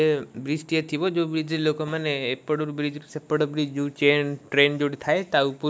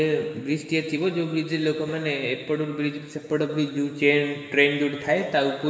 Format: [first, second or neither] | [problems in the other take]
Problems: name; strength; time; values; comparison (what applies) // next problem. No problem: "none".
first | room echo; dies away in 2.8 s